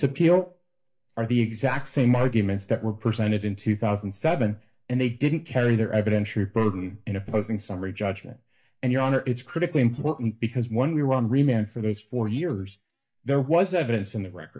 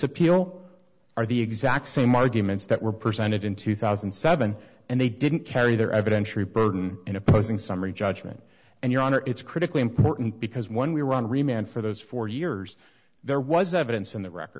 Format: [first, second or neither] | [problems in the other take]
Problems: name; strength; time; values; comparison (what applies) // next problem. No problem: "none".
second | noise reduction (neural mask model DeepFilterNet 3)